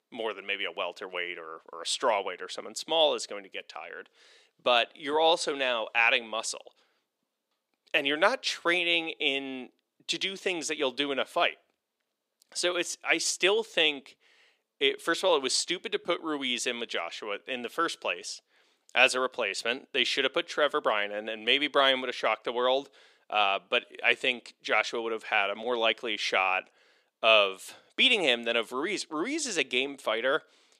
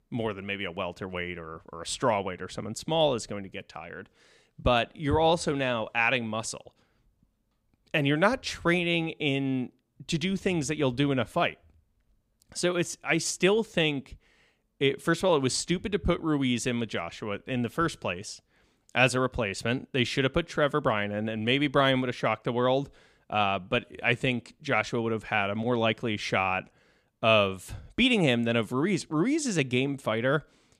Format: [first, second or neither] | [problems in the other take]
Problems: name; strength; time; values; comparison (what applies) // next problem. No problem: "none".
second | thin; somewhat; fading below 400 Hz